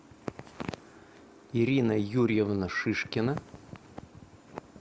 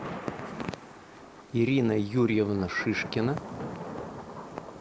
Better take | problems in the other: first | background sound (Thunder / Rain); 11 dB below the speech

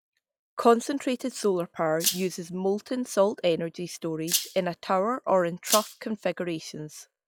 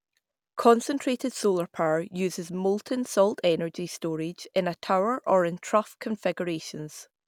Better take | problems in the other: second | noise reduction (classical method log-MMSE)

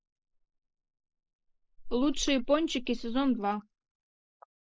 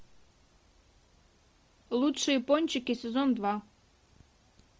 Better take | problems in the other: second | noise reduction (neural mask model Resemble Enhance denoiser)

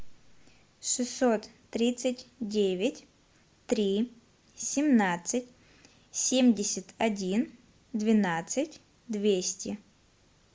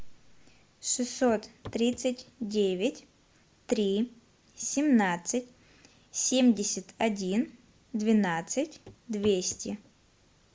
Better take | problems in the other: first | background sound (Walk, footsteps / Run / Wood); 19 dB below the speech

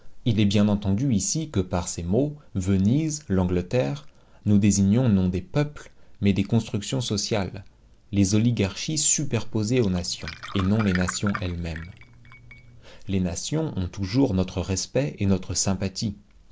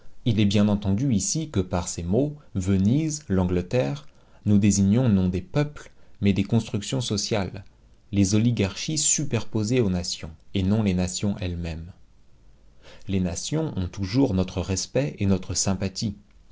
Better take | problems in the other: second | background sound (Glass); 15 dB below the speech

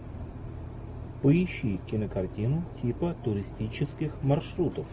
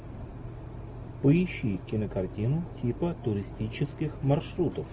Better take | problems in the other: second | background sound (Piano); 18 dB below the speech

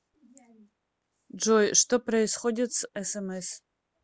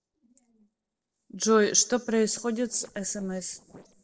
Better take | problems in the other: first | noise reduction (neural separator model SepFormer DNS4)

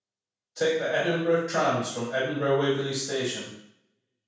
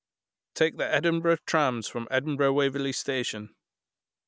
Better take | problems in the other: second | room echo; dies away in 0.7 s

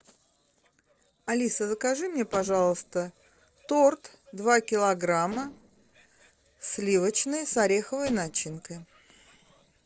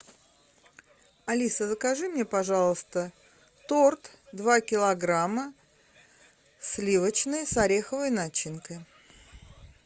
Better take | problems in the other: second | noise reduction (neural separator model SepFormer DNS4)

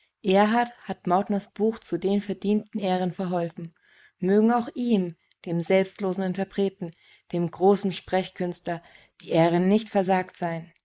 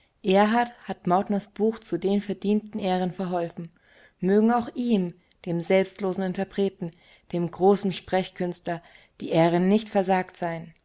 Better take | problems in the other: second | noise reduction (neural mask model Resemble Enhance denoiser)

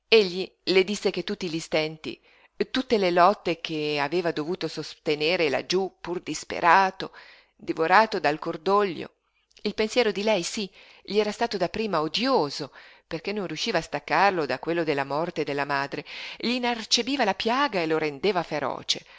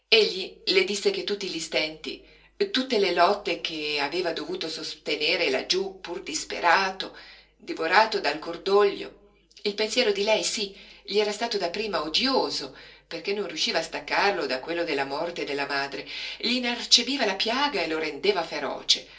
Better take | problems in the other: first | room echo; dies away in 0.3 s

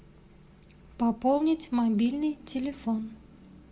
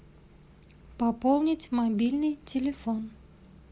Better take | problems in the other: second | room echo; dies away in 1.7 s

